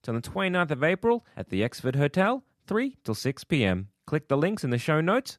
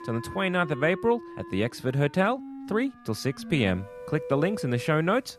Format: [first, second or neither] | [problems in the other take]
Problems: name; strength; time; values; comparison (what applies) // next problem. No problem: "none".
first | background music; noticeable; throughout; 15 dB below the speech